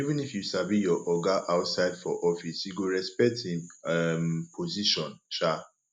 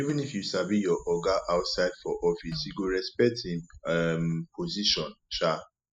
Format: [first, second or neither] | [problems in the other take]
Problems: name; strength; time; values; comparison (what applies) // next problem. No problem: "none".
first | noise reduction (classical method spectral subtraction)